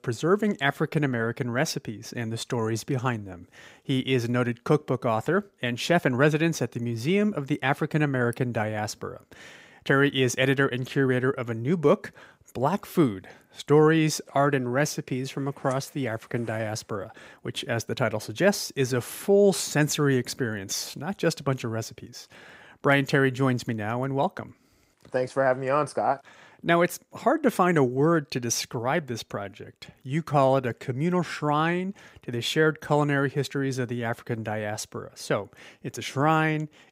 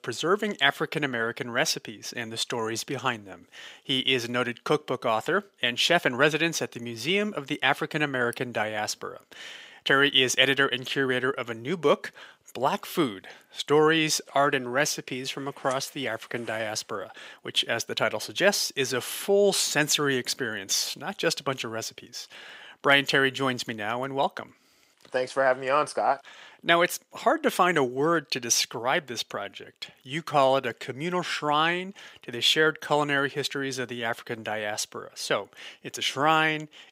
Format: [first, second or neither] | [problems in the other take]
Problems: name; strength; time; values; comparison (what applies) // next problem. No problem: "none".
first | thin; somewhat; fading below 1 kHz